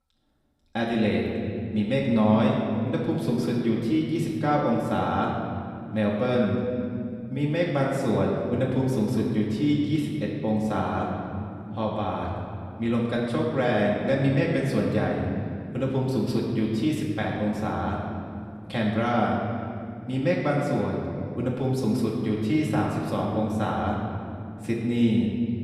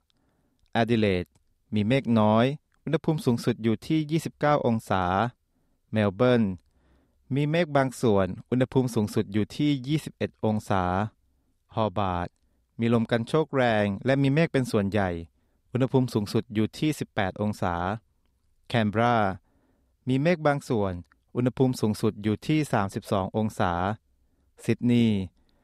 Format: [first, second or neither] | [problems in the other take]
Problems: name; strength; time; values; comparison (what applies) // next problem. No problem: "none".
second | off-mic speech; far // room echo; noticeable; dies away in 2.4 s